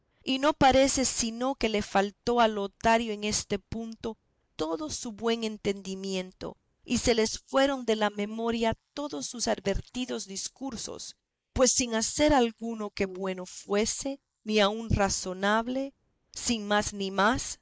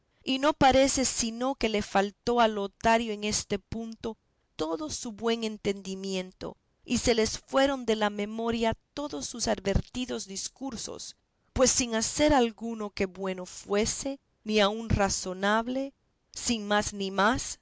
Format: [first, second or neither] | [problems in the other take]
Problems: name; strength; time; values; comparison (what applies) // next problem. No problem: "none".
second | noise reduction (neural mask model Resemble Enhance denoiser)